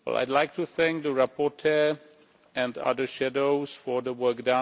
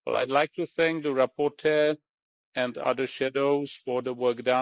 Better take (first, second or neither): first